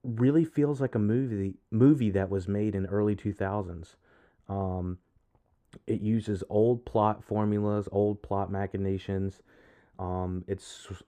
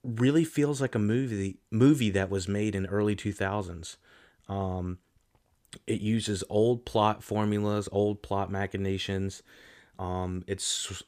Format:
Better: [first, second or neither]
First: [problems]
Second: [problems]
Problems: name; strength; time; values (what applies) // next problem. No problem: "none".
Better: second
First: muffled; very; fading above 2 kHz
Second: none